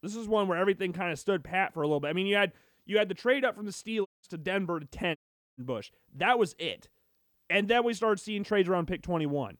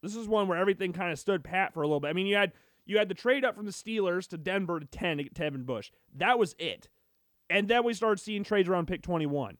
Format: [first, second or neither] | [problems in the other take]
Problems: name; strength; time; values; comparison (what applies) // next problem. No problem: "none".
second | audio cutting out; at 4 s and at 5 s